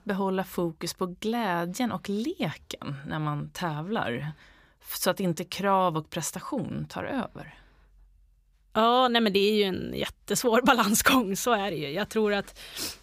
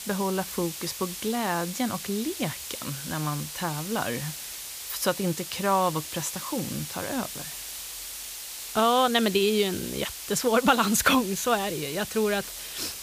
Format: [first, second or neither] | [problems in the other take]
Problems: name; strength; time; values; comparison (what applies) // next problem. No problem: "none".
first | hiss; loud; throughout; 8 dB below the speech